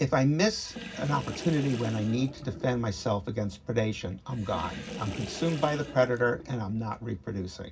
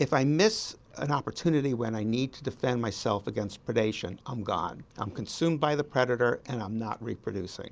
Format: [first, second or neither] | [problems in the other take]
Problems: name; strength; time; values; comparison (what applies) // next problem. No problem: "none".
second | background sound (Sink (filling or washing) / Water); 14 dB below the speech // room echo; dies away in 0.4 s